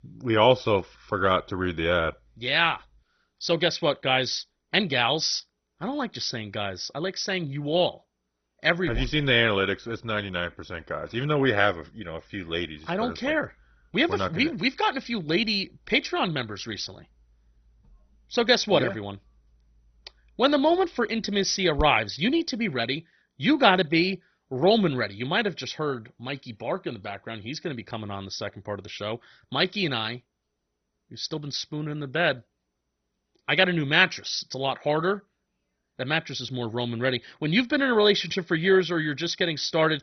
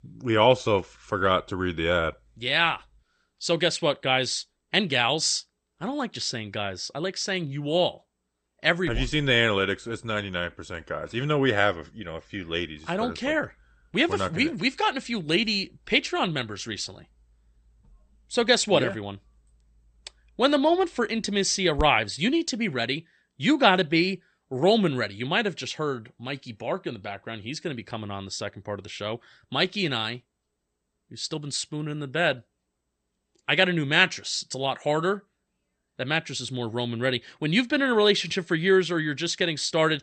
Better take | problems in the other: second | garbled, watery; badly; nothing above 6 kHz; slightly in the second

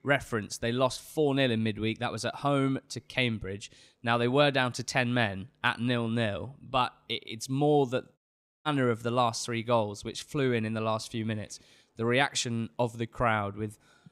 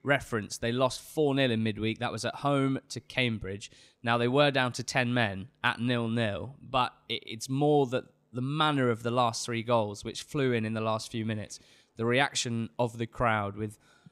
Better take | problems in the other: second | audio cutting out; at 8 s

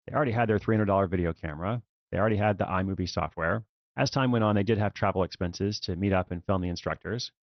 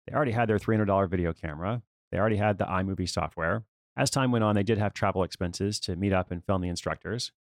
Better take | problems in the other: second | garbled, watery; slightly; nothing above 6 kHz

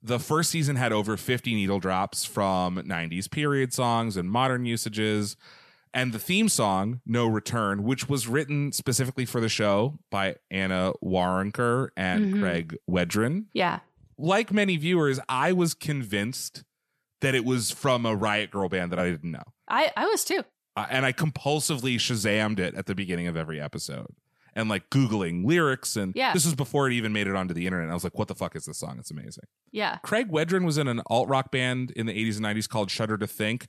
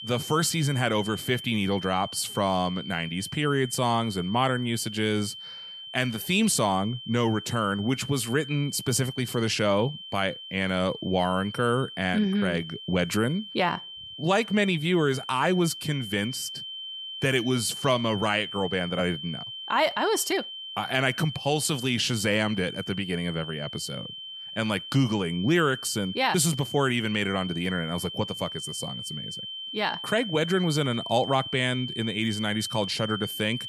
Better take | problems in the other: first | high-pitched whine; loud; throughout; 3 kHz, 10 dB below the speech

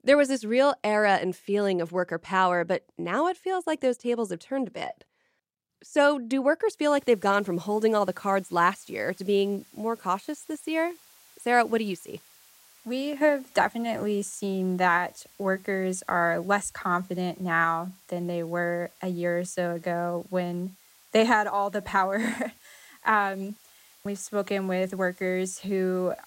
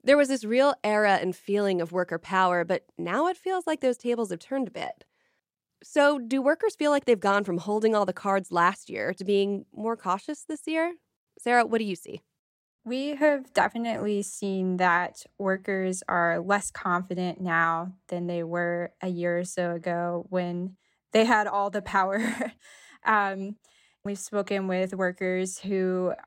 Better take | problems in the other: second | hiss; faint; from 7 s on; 25 dB below the speech

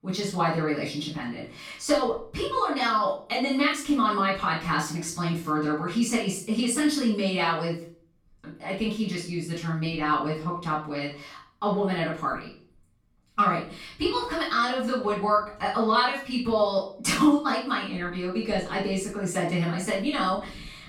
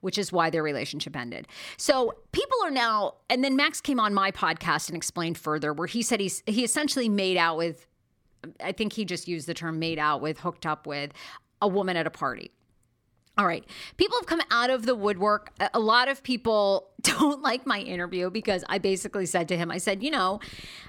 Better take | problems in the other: second | off-mic speech; far // room echo; noticeable; dies away in 0.4 s

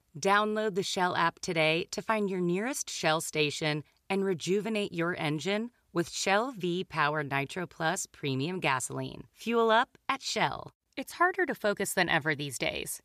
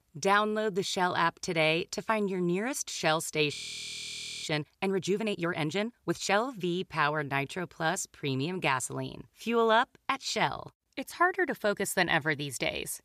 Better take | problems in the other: first | audio freezing; at 3.5 s for 1 s

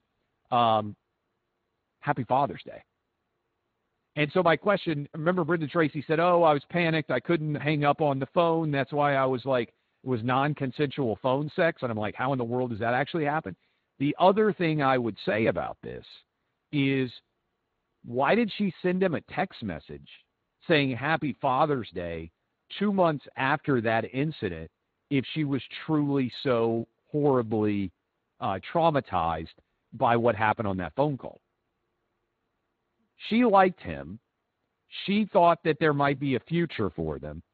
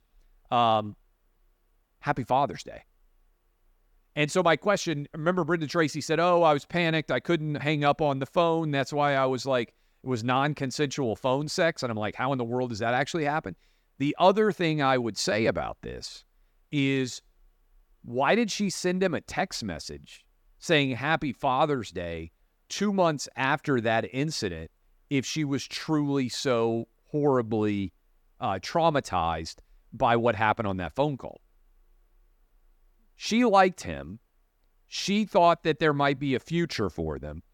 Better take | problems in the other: second | garbled, watery; badly; nothing above 4 kHz

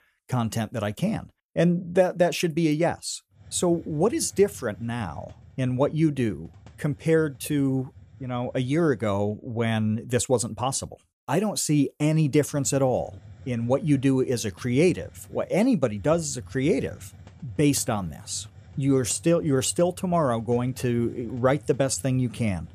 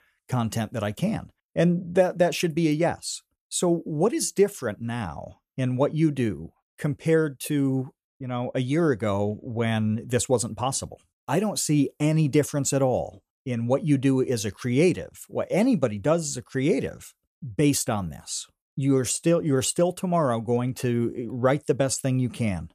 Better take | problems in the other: second | hiss; faint; from 3.5 to 9 s and from 12 s on; 20 dB below the speech

